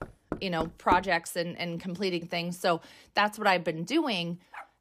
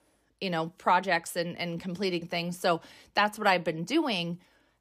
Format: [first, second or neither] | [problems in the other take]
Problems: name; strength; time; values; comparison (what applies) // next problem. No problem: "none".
second | door banging; noticeable; at the start; peak 5 dB below the speech // dog barking; faint; at 4.5 s; peak 20 dB below the speech